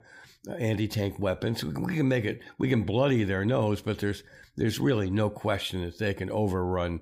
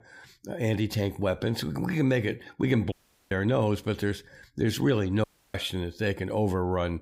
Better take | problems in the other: first | audio cutting out; at 3 s and at 5 s

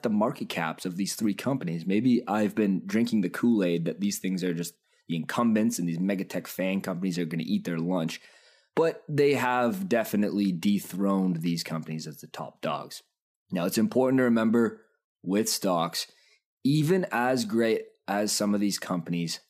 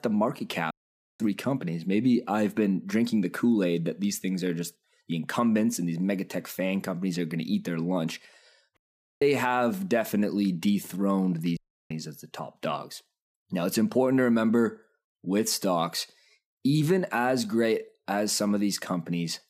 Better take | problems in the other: first | audio cutting out; at 0.5 s, at 9 s and at 12 s

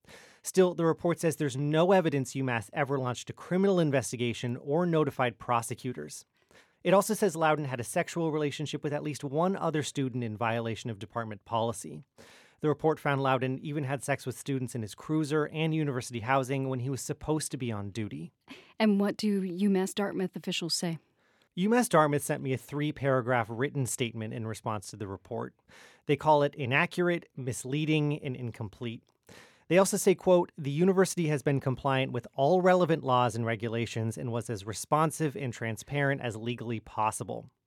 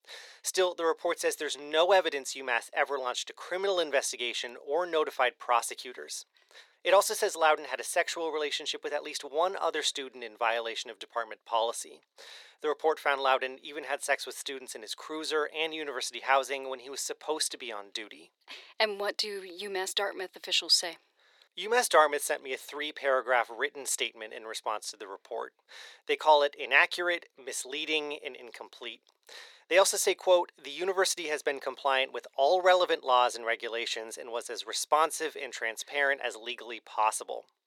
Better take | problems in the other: first | thin; very; fading below 450 Hz

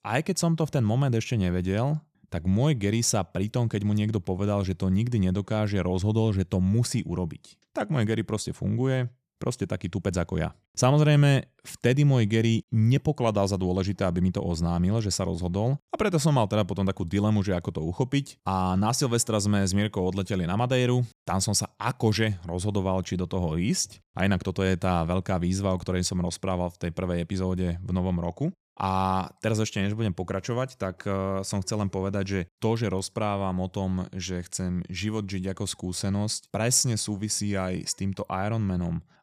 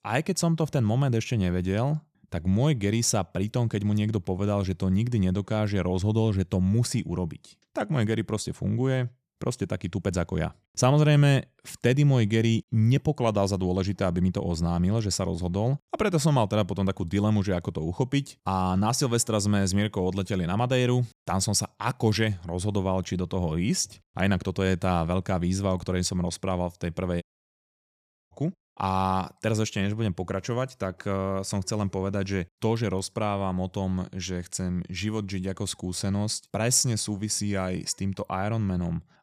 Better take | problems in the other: first | audio cutting out; at 27 s for 1 s

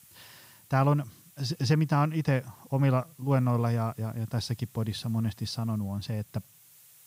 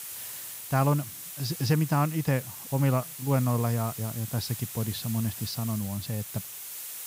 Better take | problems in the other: first | hiss; loud; throughout; 8 dB below the speech; faint in the first

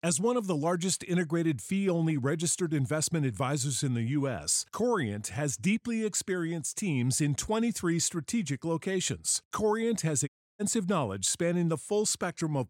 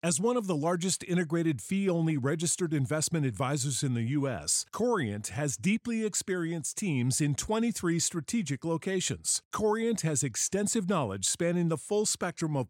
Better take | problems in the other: second | audio cutting out; at 10 s

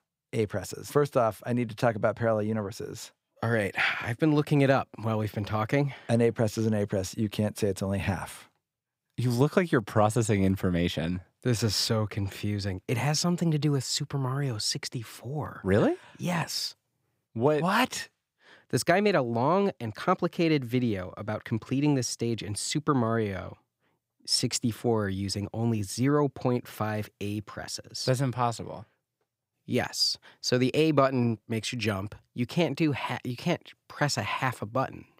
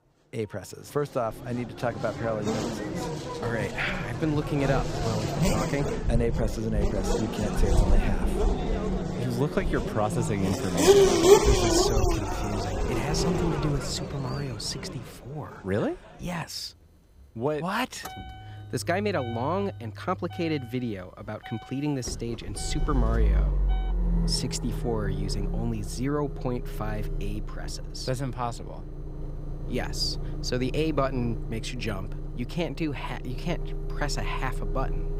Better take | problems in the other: first | traffic noise; very loud; throughout; 2 dB above the speech

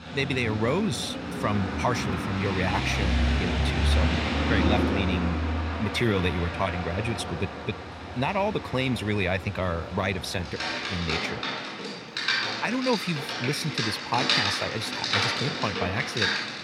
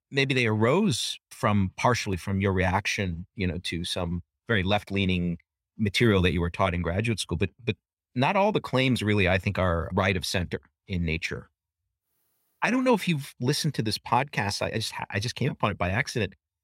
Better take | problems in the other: second | rain or running water; very loud; throughout; 1 dB above the speech

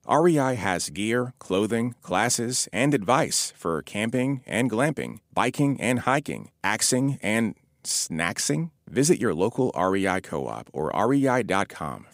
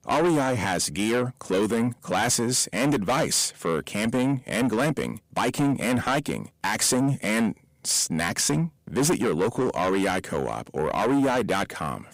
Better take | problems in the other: first | distortion; heavy; 6 dB below the speech

